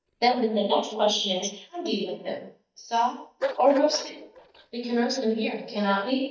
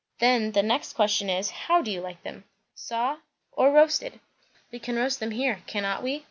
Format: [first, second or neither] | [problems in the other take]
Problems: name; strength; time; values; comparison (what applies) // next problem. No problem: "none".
second | noise reduction (neural mask model DeepFilterNet 3)